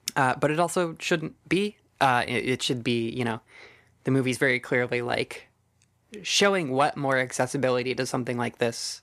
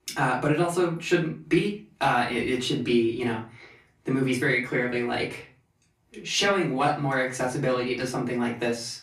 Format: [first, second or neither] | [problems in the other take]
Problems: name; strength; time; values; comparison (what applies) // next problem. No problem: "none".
first | off-mic speech; far // room echo; slight; dies away in 0.3 s